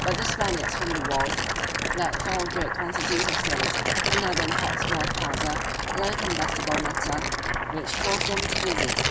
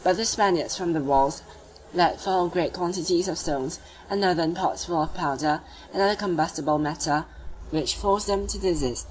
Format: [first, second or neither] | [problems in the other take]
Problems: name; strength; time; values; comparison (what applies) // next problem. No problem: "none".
second | background sound (Tearing + Boiling); 5 dB above the speech